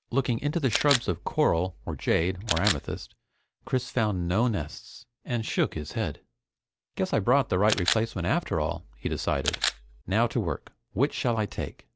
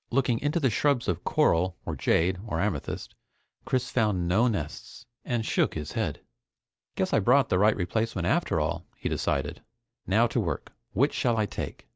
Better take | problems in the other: second | background sound (Camera); 7 dB below the speech

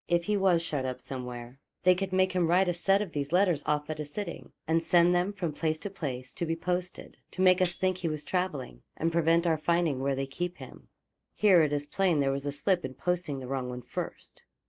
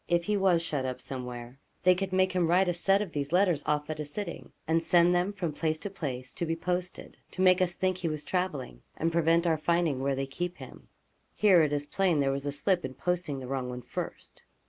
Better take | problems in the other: second | noise reduction (neural mask model DeepFilterNet 3)

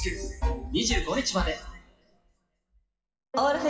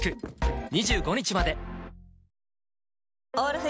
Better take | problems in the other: second | noise reduction (classical method WPE with log-MMSE)

